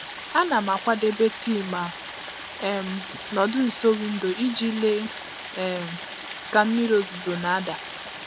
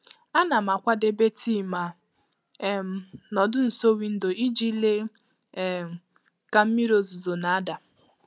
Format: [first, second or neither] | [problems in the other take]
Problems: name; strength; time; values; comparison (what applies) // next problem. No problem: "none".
second | background sound (Stream); 11 dB below the speech